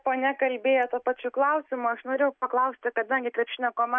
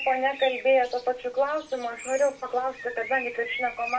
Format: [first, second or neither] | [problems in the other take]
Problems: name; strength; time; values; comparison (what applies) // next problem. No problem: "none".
first | background sound (Bird); 12 dB below the speech // room echo; dies away in 0.2 s